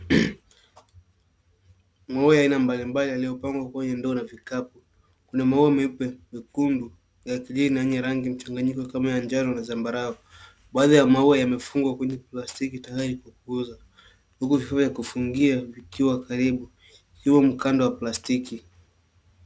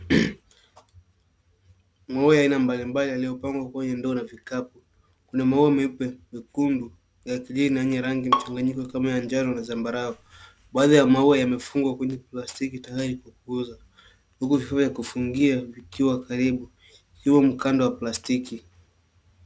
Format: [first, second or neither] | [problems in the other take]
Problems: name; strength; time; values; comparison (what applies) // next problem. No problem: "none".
first | background sound (Bowed string instrument); 7 dB below the speech